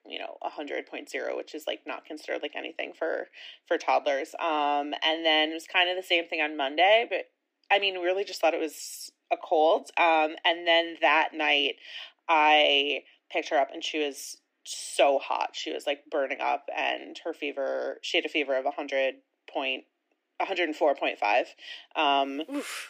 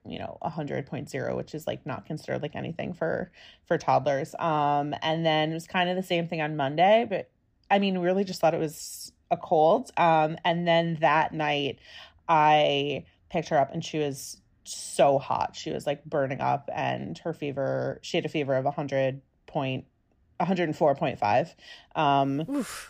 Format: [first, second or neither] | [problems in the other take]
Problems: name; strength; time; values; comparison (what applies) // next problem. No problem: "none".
second | thin; somewhat; fading below 300 Hz